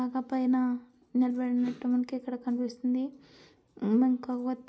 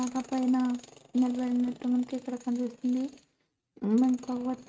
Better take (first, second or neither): first